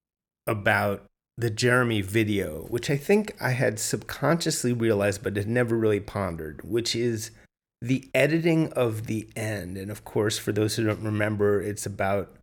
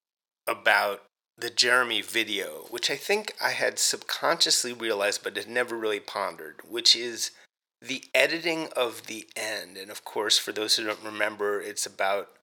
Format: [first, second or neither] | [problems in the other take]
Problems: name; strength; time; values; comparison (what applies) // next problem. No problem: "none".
first | thin; very; fading below 550 Hz